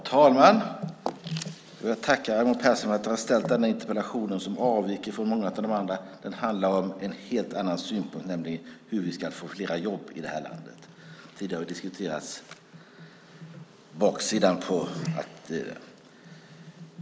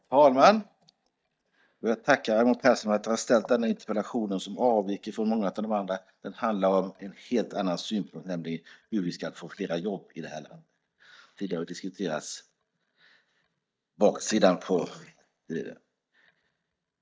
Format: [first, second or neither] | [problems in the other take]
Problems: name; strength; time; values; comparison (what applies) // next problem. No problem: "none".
first | noise reduction (neural mask model DeepFilterNet 3)